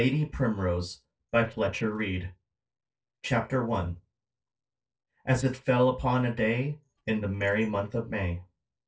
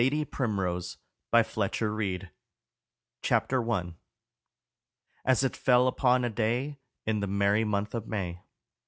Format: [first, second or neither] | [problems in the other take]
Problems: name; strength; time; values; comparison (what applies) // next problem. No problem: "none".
second | noise reduction (neural separator model SepFormer DNS4)